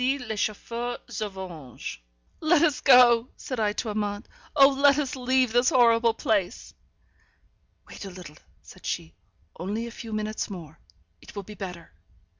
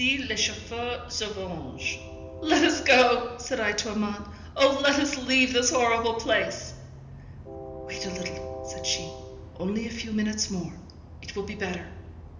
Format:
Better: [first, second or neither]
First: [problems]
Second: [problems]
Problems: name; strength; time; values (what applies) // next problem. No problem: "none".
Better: first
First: none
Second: background sound (Train); 13 dB below the speech // room echo; dies away in 0.8 s